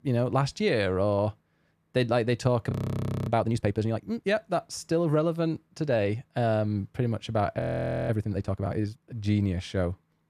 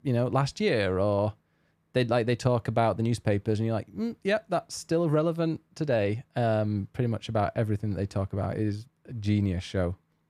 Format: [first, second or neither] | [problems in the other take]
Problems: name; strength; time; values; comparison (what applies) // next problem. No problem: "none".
second | audio freezing; at 2.5 s for 0.5 s and at 7.5 s